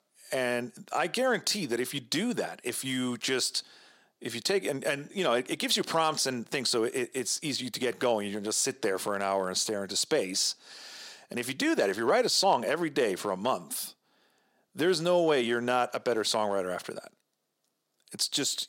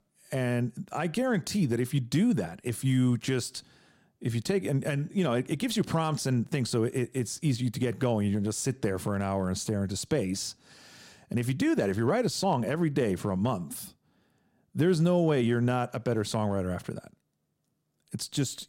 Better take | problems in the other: second | thin; somewhat; fading below 450 Hz

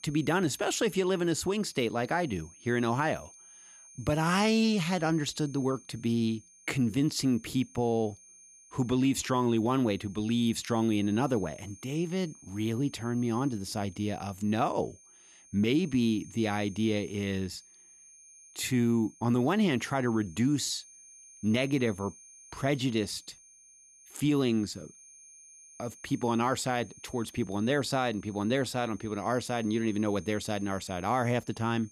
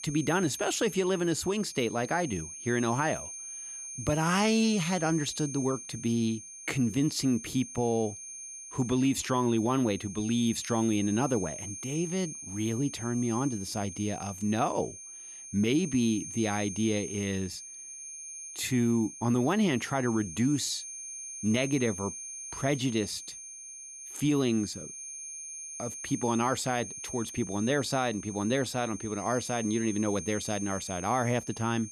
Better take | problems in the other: first | high-pitched whine; loud; throughout; 6.5 kHz, 10 dB below the speech; faint in the first

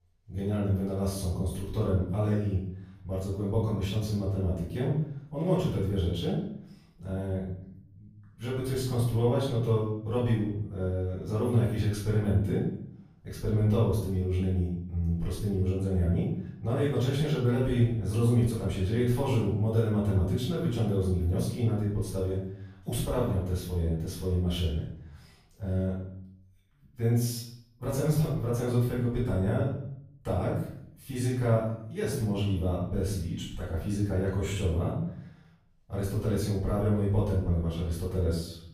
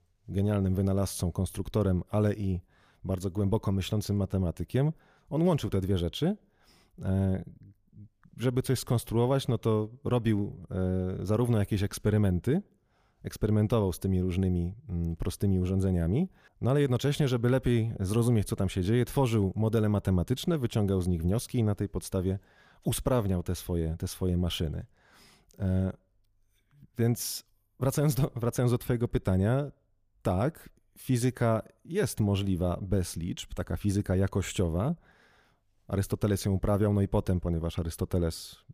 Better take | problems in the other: second | off-mic speech; far // room echo; noticeable; dies away in 0.6 s

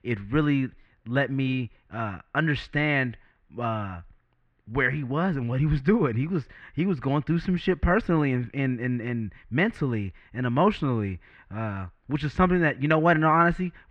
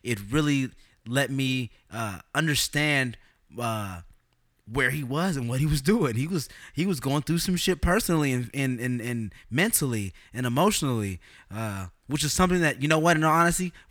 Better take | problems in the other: second | muffled; very; fading above 2.5 kHz

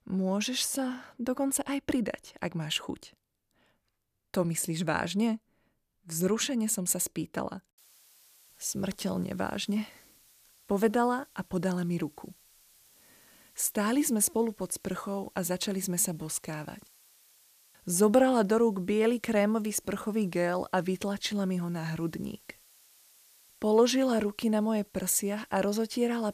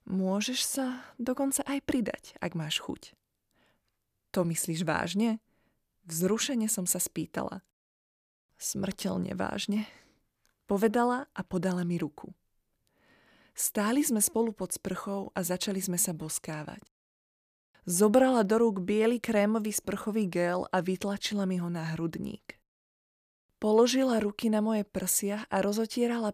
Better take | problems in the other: second | hiss; faint; from 8 s on; 30 dB below the speech

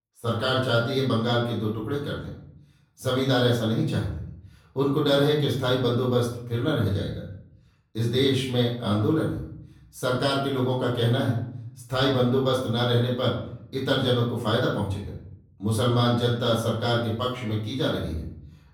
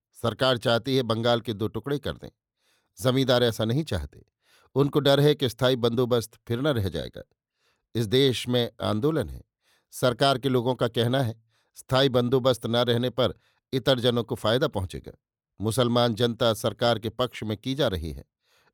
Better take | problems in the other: second | off-mic speech; far // room echo; noticeable; dies away in 0.6 s

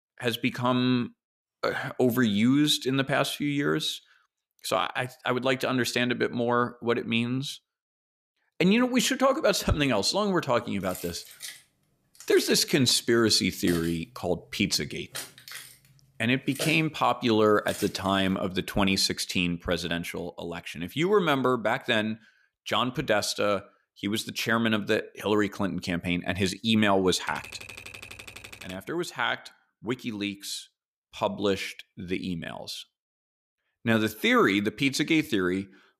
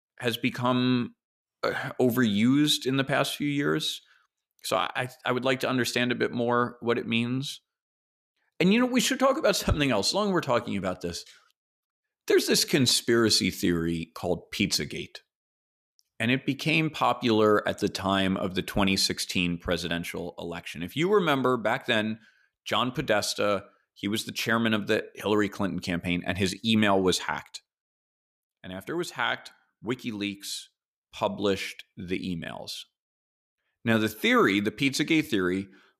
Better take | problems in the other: second | jangling keys; noticeable; from 11 to 18 s; peak 8 dB below the speech // keyboard typing; faint; from 27 to 29 s; peak 15 dB below the speech

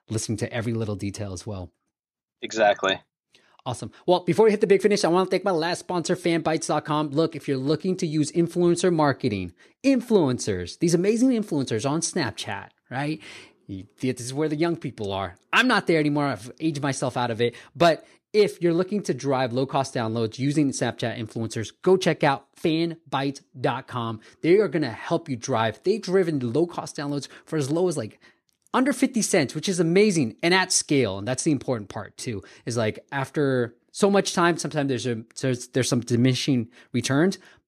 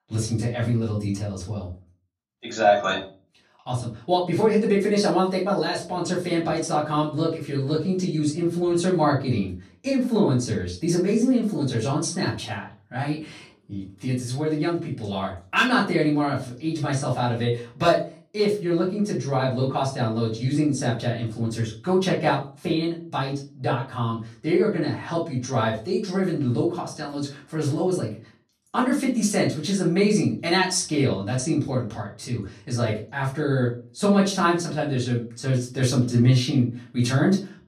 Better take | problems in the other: first | room echo; slight; dies away in 0.3 s // off-mic speech; far

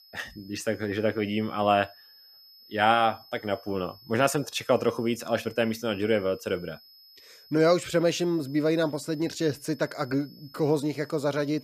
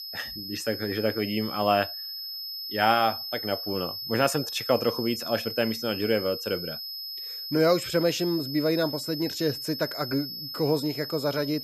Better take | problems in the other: first | high-pitched whine; loud; throughout; 5 kHz, 6 dB below the speech; faint in the first

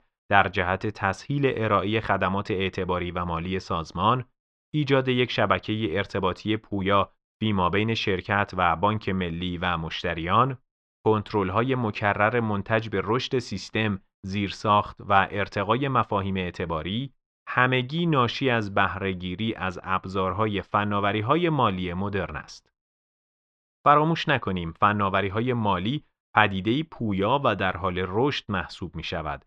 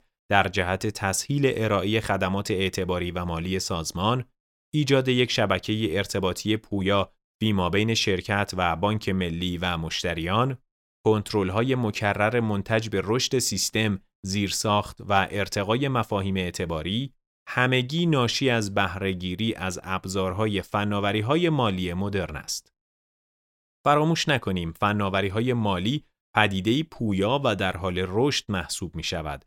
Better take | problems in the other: second | muffled; slightly; fading above 3.5 kHz

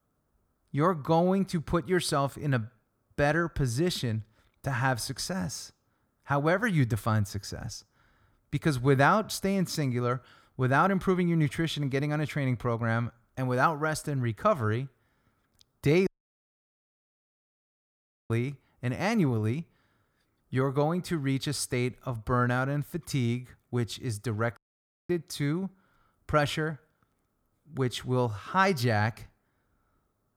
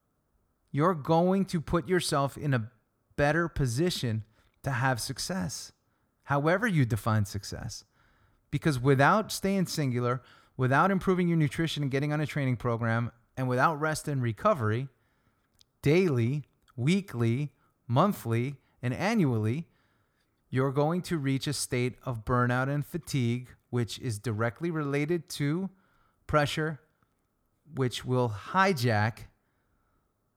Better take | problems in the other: second | audio cutting out; at 16 s for 2 s and at 25 s for 0.5 s

